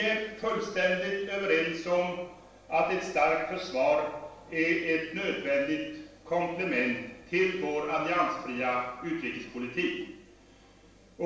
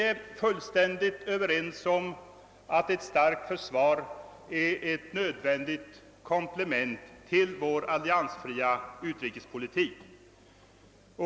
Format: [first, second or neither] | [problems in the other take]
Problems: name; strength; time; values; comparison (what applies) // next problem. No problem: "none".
second | room echo; dies away in 0.6 s